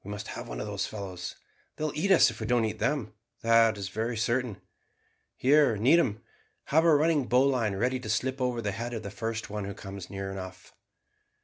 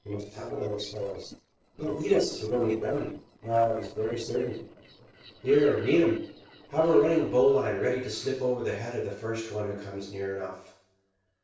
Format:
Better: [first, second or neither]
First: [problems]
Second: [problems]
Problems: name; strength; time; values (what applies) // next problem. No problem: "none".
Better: first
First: none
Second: noise reduction (neural separator model SepFormer DNS4)